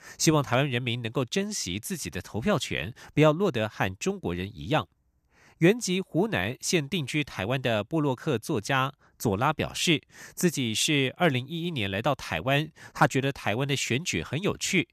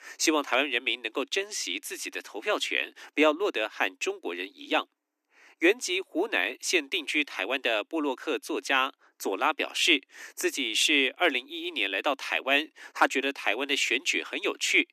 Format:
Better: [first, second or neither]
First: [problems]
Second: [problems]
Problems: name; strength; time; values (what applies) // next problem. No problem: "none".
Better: first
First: none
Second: thin; somewhat; fading below 250 Hz